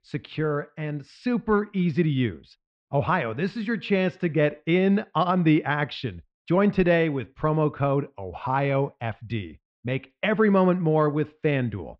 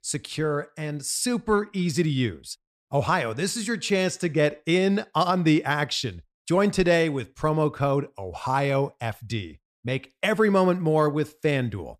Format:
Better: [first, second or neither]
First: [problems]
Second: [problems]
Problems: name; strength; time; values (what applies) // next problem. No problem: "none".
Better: second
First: muffled; very; fading above 3 kHz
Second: none